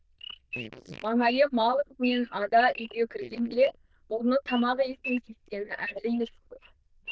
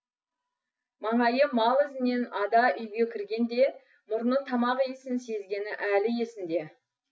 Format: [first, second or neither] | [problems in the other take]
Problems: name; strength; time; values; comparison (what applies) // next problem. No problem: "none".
second | noise reduction (neural diffusion model UNIVERSE++)